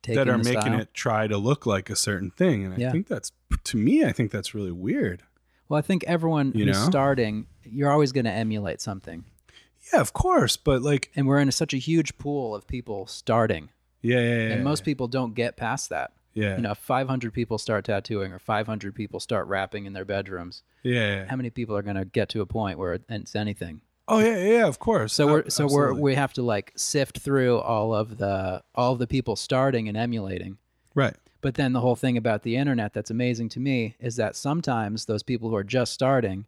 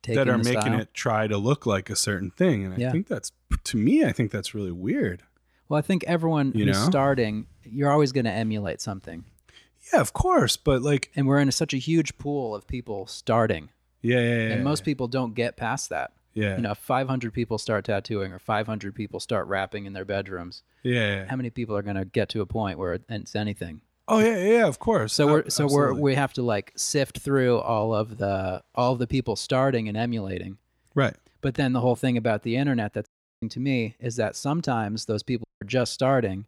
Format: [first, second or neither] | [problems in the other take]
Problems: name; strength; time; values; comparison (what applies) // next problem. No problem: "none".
first | audio cutting out; at 33 s and at 35 s